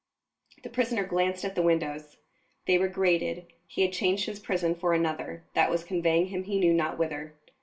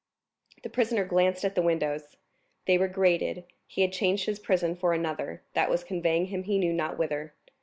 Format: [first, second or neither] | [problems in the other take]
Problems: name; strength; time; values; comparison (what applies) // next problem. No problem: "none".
second | room echo; dies away in 0.2 s